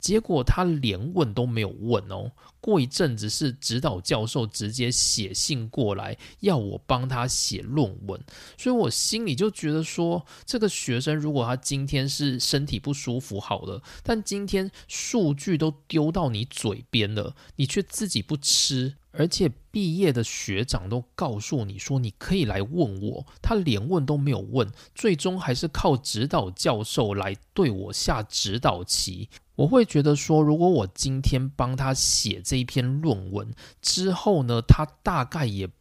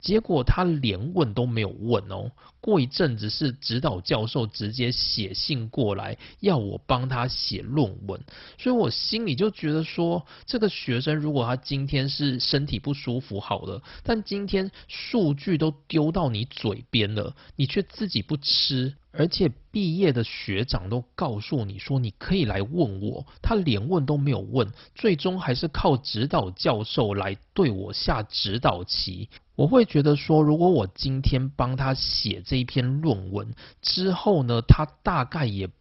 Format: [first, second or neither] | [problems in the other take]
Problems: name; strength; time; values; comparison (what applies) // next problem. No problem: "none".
first | garbled, watery; badly; nothing above 5.5 kHz